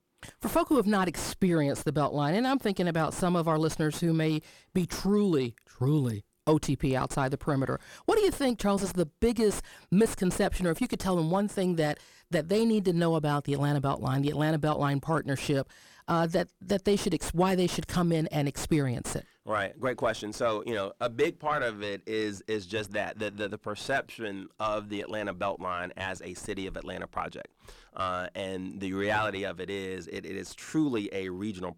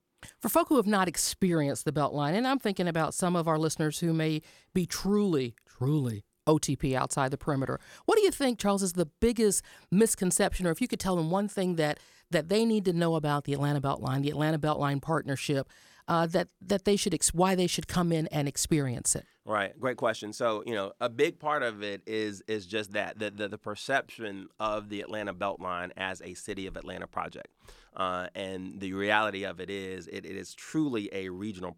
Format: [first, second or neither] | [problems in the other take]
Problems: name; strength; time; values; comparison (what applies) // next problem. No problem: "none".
second | distortion; slight; 8 dB below the speech